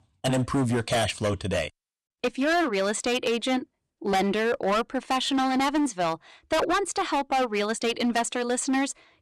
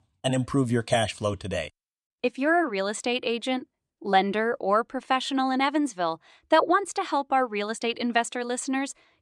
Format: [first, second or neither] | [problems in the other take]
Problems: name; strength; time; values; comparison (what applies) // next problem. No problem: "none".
second | distortion; heavy; 16% of the sound clipped